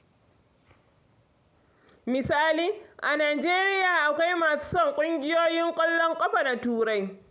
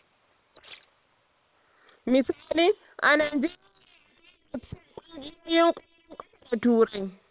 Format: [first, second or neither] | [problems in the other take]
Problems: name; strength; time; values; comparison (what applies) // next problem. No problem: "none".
first | noise reduction (neural separator model SepFormer WHAM!)